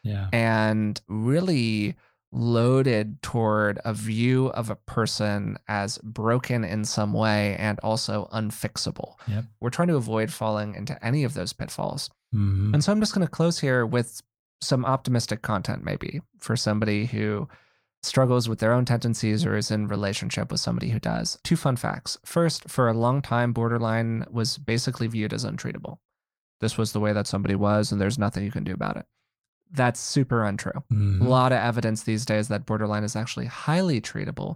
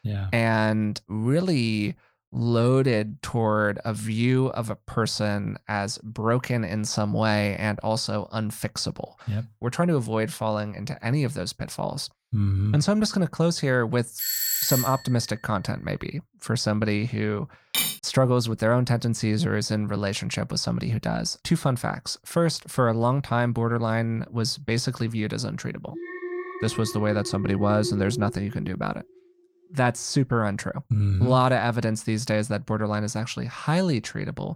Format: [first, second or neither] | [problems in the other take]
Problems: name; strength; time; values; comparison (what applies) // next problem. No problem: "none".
first | doorbell; loud; at 14 s; peak 3 dB above the speech // clattering dishes; loud; at 18 s; peak 1 dB above the speech // alarm; noticeable; from 26 to 29 s; peak 7 dB below the speech